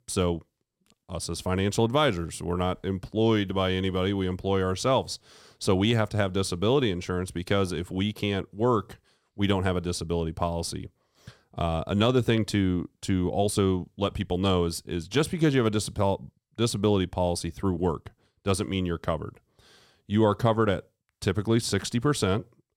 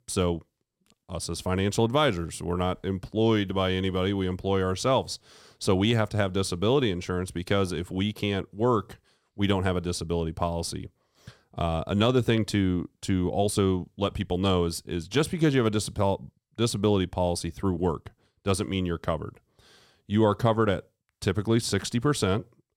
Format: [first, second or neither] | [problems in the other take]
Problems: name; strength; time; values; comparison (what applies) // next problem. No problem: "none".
neither | none